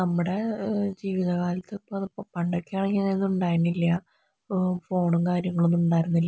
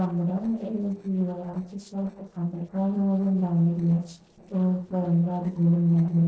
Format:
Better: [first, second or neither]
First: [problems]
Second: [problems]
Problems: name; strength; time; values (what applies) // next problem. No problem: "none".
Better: first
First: none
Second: noise reduction (neural separator model SepFormer DNS4)